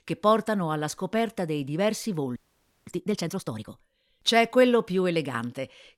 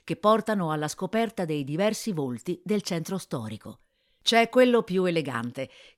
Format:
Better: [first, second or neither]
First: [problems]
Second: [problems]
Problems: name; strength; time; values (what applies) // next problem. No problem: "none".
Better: second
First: audio freezing; at 2.5 s for 0.5 s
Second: none